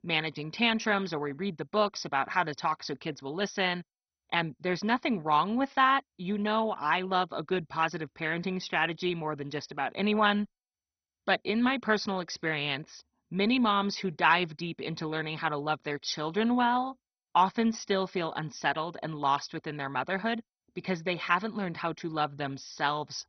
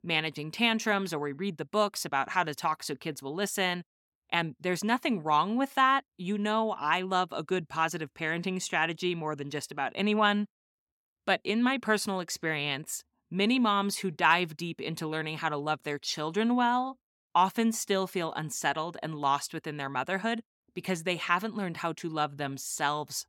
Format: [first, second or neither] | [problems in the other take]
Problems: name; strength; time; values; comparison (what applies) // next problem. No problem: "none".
second | garbled, watery; badly; nothing above 6 kHz